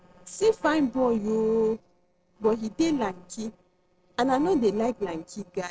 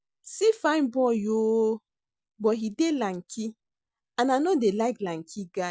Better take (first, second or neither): second